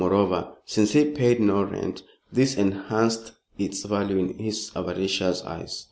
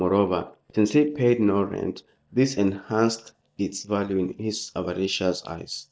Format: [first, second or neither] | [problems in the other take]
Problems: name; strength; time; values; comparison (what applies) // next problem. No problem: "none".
first | noise reduction (neural mask model DeepFilterNet 3)